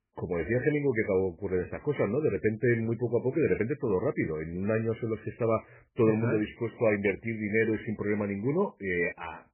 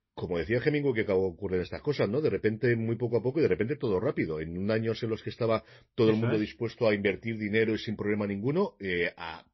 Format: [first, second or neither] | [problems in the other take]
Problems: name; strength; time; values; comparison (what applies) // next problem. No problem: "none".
second | garbled, watery; badly; nothing above 2.5 kHz; slightly in the second